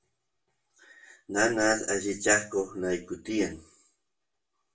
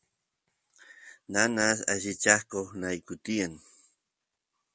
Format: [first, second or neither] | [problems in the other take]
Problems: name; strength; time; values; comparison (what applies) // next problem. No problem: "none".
second | room echo; dies away in 0.3 s